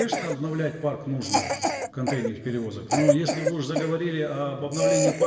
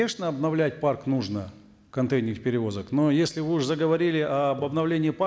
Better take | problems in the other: second | background sound (Cough); as loud as the speech // room echo; dies away in 1.8 s

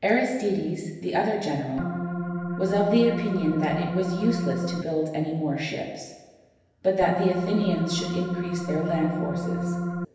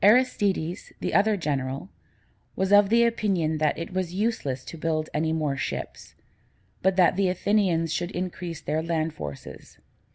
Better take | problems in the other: second | background sound (Organ); 3 dB below the speech // room echo; dies away in 1 s

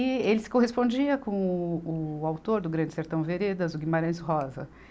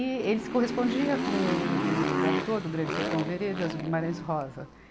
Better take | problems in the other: first | background sound (Motorcycle); 1 dB below the speech

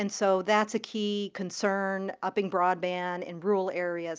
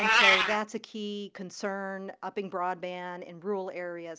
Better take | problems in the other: first | background sound (Meow); 3 dB above the speech

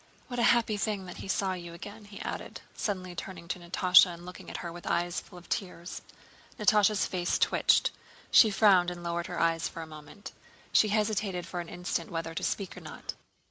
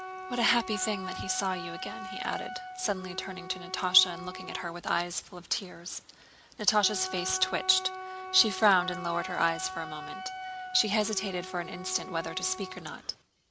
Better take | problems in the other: first | background sound (Wind instrument, woodwind instrument); 10 dB below the speech

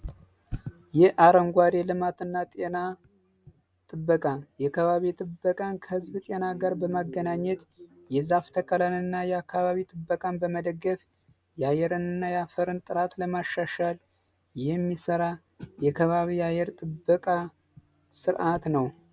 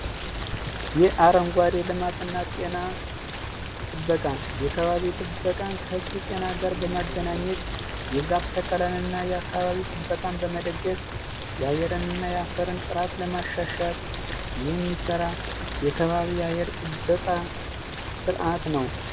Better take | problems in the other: first | background sound (Rain); 5 dB below the speech

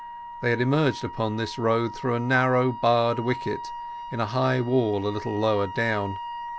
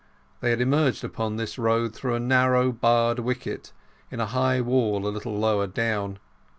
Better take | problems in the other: second | background sound (Wind instrument, woodwind instrument); 12 dB below the speech

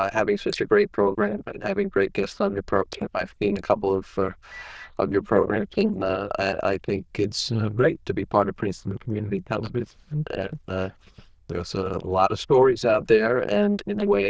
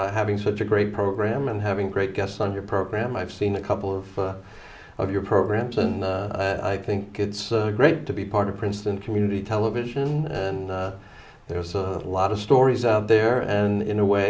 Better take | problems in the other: second | noise reduction (neural diffusion model UNIVERSE++)

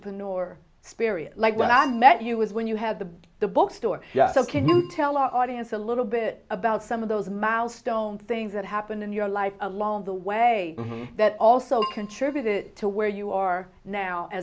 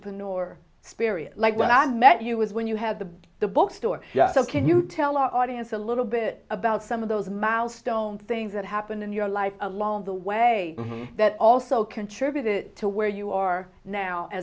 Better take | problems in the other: second | background sound (Keyboard (musical)); 12 dB below the speech

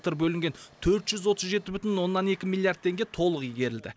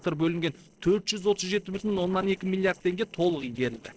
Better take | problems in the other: first | noise reduction (neural separator model SepFormer DNS4)

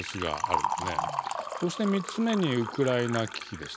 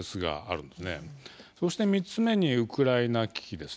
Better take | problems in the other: second | background sound (Liquid); 4 dB below the speech

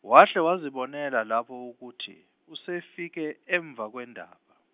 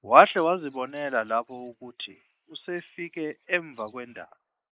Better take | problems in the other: first | noise reduction (neural mask model Resemble Enhance denoiser)

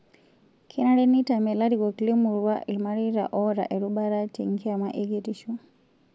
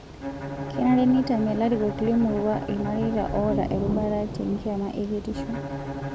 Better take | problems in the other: first | background sound (Bowed string instrument + Thunder / Rain); 6 dB below the speech

